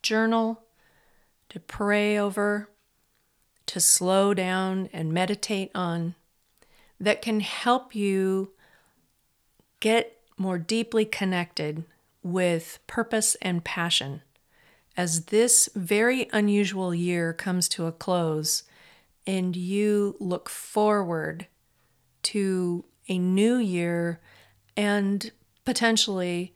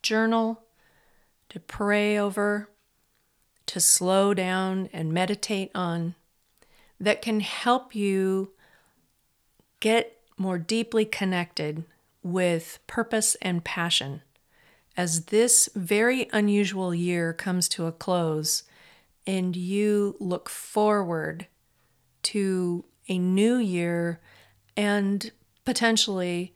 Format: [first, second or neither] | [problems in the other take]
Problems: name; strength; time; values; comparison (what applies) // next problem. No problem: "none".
neither | none